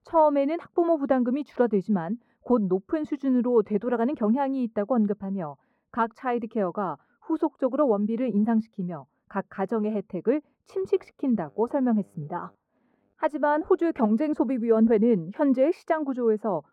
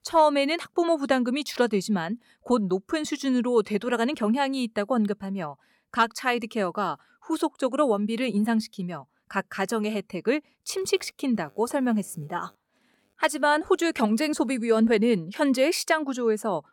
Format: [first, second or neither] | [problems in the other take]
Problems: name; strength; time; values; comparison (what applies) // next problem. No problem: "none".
second | muffled; very; fading above 2.5 kHz